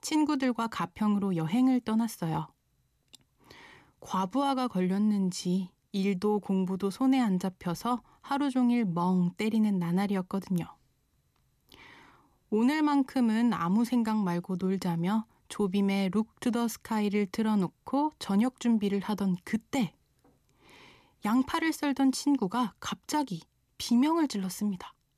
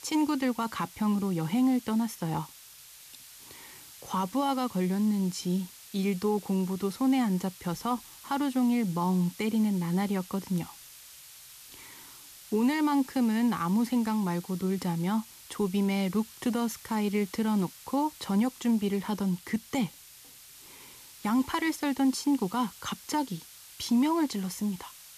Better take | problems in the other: first | hiss; noticeable; throughout; 20 dB below the speech

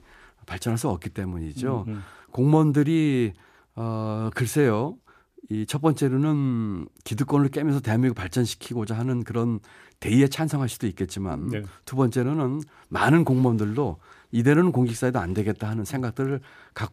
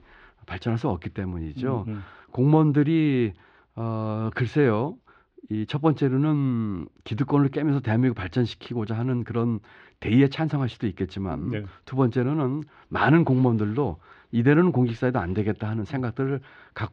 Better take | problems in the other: first | muffled; slightly; fading above 4 kHz

